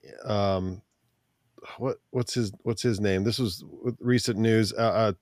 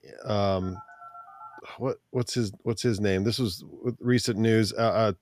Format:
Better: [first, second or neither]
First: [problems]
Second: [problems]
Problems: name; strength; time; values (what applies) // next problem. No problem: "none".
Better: first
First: none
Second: phone ringing; faint; at 0.5 s; peak 20 dB below the speech